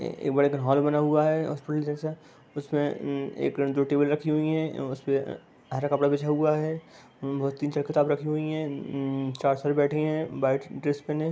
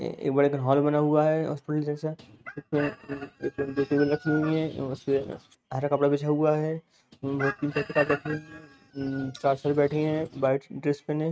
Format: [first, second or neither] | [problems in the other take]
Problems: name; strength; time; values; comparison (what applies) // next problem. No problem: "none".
first | noise reduction (neural mask model RNNoise)